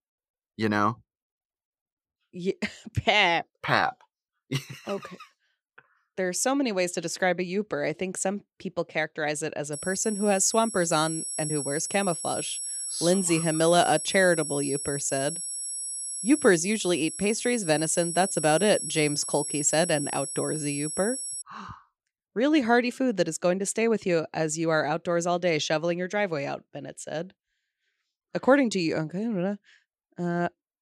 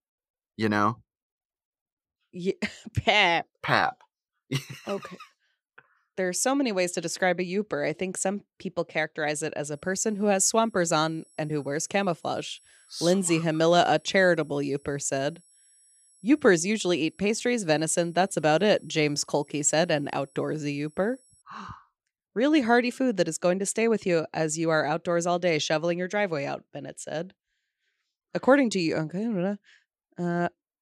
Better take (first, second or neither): second